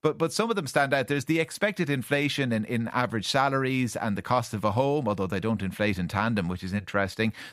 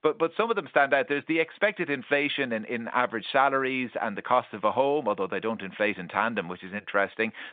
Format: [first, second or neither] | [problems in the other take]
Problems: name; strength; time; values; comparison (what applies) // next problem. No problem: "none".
first | phone-call audio; nothing above 3.5 kHz